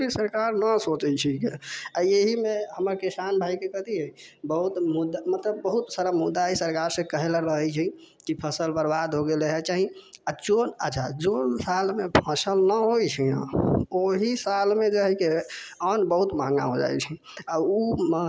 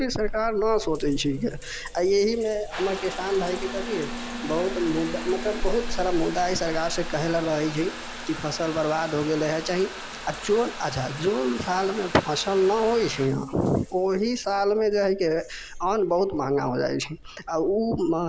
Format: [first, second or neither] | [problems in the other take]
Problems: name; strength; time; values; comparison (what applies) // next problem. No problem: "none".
first | background sound (Trickle, dribble / Bathtub (filling or washing) / Water tap, faucet); 9 dB below the speech